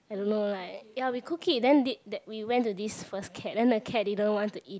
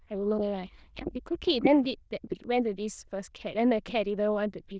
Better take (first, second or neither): first